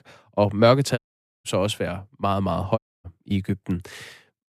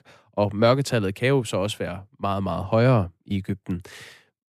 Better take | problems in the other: second | audio cutting out; at 1 s and at 3 s

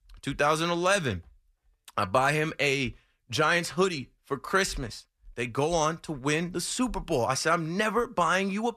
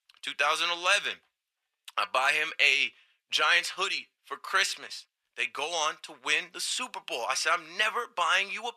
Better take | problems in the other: first | thin; very; fading below 750 Hz

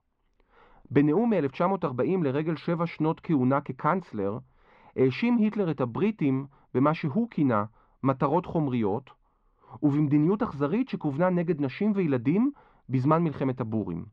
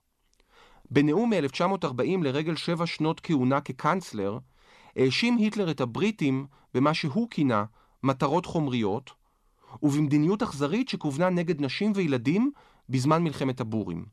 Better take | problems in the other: second | muffled; very; fading above 2 kHz

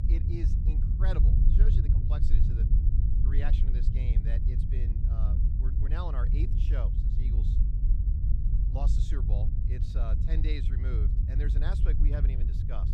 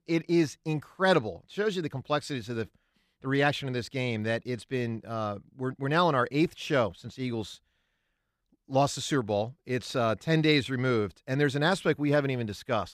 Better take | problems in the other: second | low rumble; loud; throughout; 1 dB below the speech

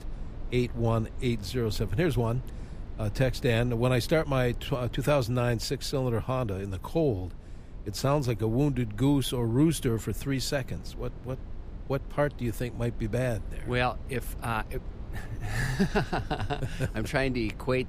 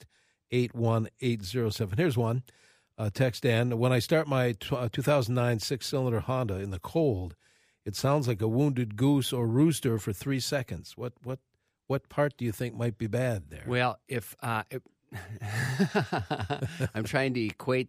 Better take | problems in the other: second | low rumble; faint; throughout; 20 dB below the speech

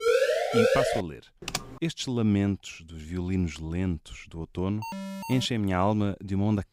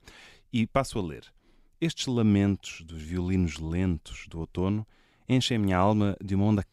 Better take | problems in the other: second | siren; loud; until 1 s; peak 6 dB above the speech // keyboard typing; noticeable; at 1.5 s; peak 5 dB below the speech // alarm; noticeable; at 5 s; peak 7 dB below the speech

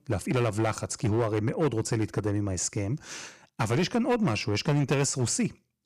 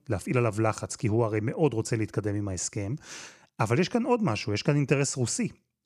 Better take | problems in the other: second | distortion; slight; 8% of the sound clipped

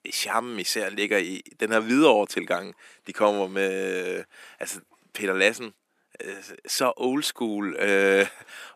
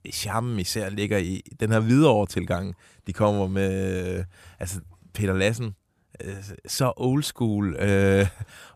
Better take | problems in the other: second | thin; somewhat; fading below 250 Hz

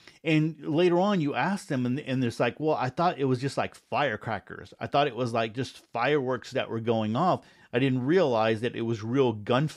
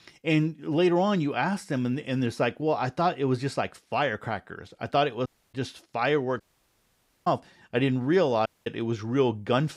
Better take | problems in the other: first | audio cutting out; at 5.5 s, at 6.5 s for 1 s and at 8.5 s

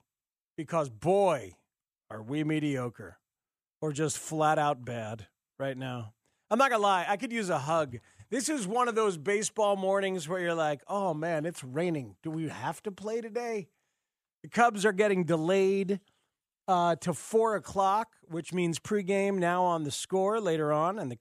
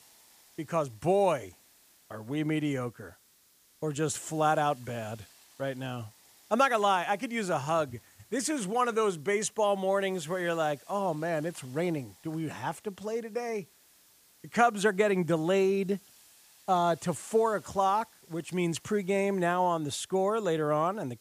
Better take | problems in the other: first | hiss; faint; throughout; 25 dB below the speech

